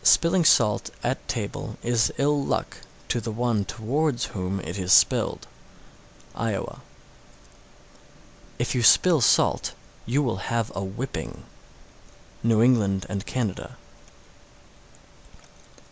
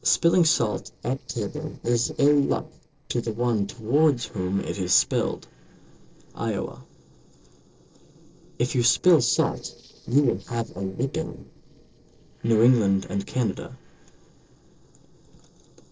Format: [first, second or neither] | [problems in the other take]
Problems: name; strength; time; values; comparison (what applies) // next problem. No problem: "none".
first | noise reduction (neural separator model SepFormer DNS4)